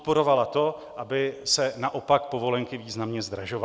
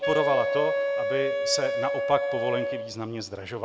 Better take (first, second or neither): first